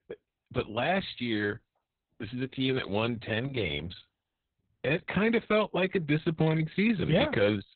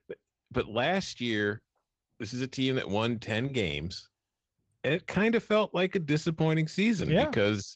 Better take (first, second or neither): second